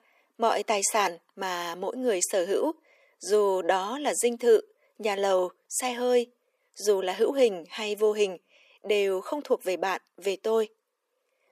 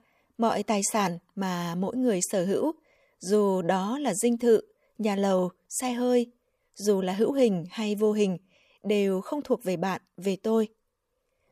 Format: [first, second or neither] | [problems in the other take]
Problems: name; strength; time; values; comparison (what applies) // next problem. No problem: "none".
second | thin; somewhat; fading below 300 Hz